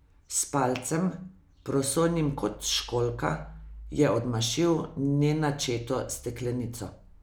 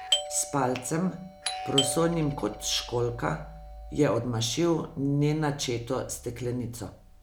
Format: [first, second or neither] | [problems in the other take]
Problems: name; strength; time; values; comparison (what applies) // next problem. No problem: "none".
first | background sound (Doorbell); 9 dB below the speech